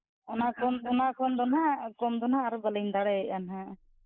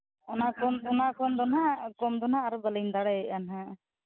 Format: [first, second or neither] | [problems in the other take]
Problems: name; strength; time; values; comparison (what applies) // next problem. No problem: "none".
second | noise reduction (neural mask model Resemble Enhance denoiser)